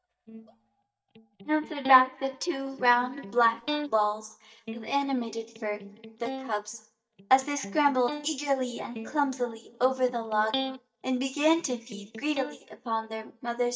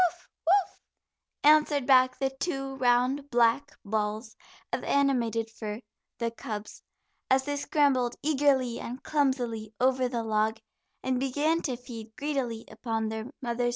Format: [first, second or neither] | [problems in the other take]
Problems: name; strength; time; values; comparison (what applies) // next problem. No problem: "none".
second | noise reduction (neural mask model DeepFilterNet 3)